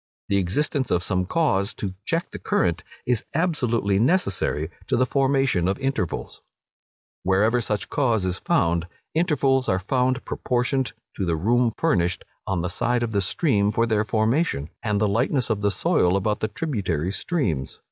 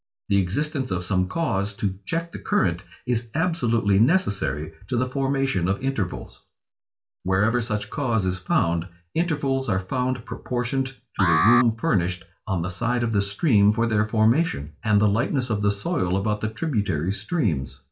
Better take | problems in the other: first | background sound (Alarm); 4 dB below the speech // room echo; dies away in 0.2 s

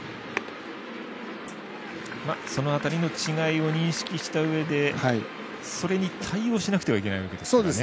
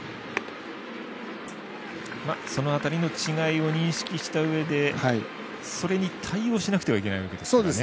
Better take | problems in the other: second | background sound (Snare drum); 18 dB below the speech

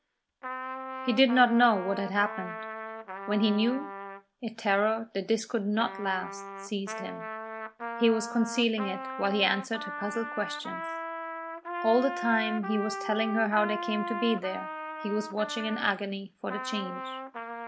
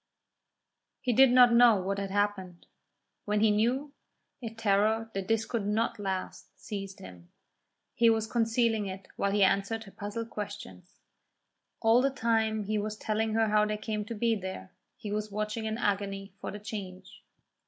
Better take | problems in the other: second | background sound (Trumpet); 8 dB below the speech

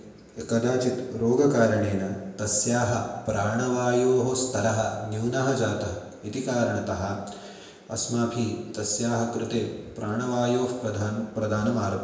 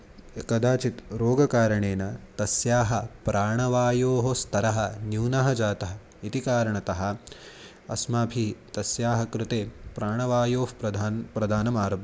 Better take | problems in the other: second | room echo; dies away in 1 s

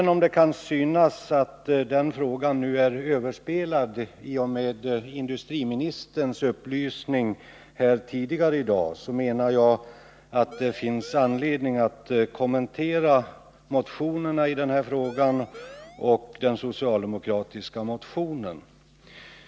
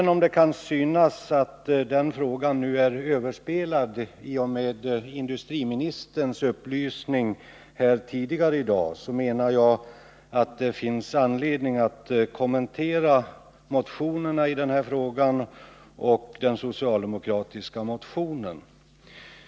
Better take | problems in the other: second | background sound (Siren); 19 dB below the speech

